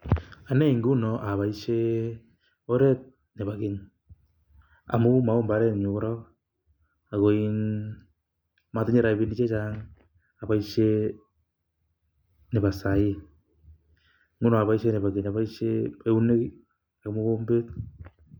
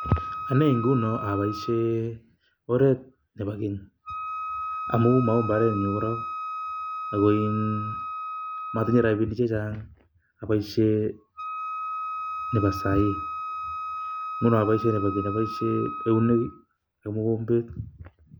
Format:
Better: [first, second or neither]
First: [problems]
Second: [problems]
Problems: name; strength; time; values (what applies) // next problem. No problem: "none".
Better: first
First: none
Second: background sound (Wind instrument, woodwind instrument); 8 dB below the speech